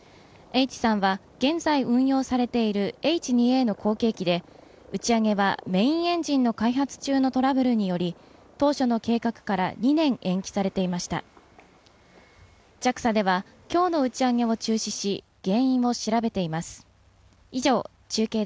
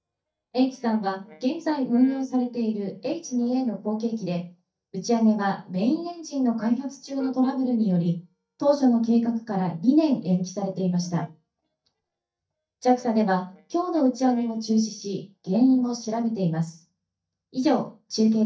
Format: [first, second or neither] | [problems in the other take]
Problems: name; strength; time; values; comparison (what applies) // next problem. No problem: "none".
first | noise reduction (neural mask model DeepFilterNet 3)